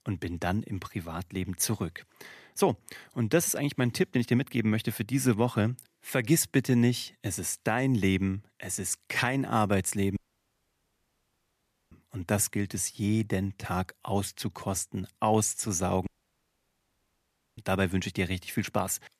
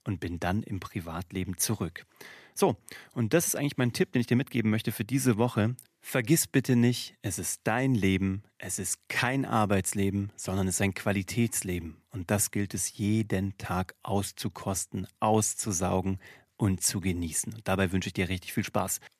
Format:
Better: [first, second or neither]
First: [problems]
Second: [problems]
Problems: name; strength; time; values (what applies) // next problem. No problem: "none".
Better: second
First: audio cutting out; at 10 s for 1.5 s and at 16 s for 1.5 s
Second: none